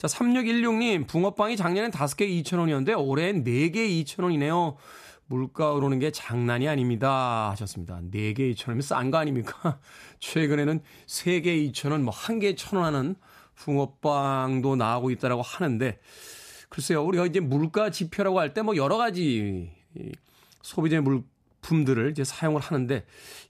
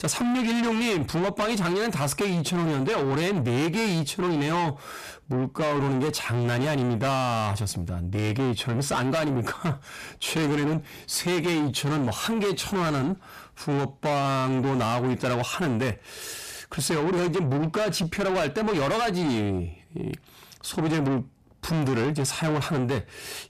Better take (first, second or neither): first